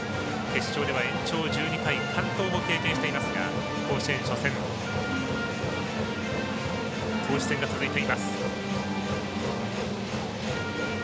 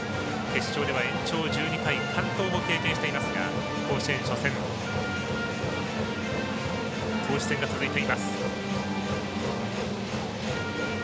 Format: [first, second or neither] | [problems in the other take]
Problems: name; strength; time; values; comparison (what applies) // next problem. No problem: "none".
second | background sound (Snare drum); 14 dB below the speech